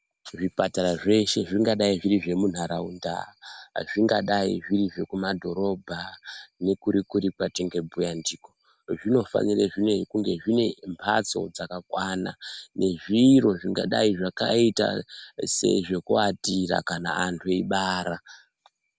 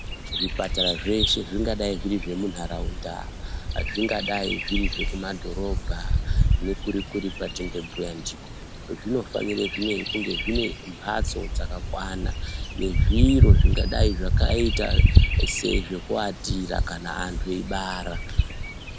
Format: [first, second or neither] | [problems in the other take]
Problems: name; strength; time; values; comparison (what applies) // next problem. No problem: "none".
first | background sound (Bird vocalization, bird call, bird song); 5 dB above the speech